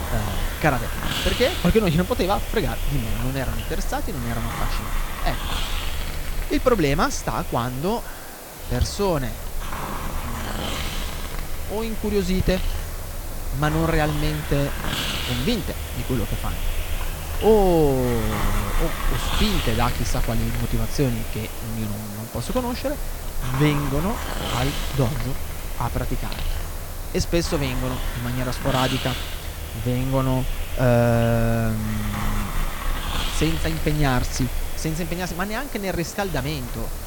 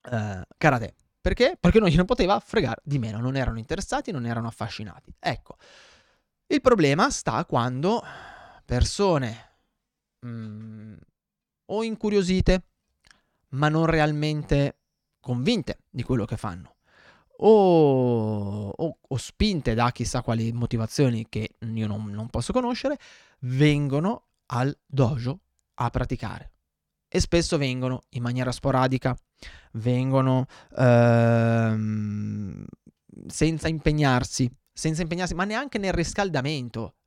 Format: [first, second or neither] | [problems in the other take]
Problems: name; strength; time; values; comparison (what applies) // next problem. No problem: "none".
second | hiss; loud; throughout; 5 dB below the speech